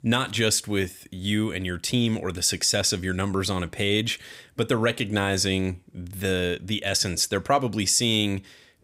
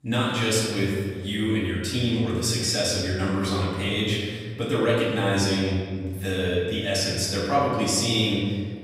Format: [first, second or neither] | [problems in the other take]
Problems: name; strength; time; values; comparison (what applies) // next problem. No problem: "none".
first | room echo; noticeable; dies away in 1.6 s // off-mic speech; far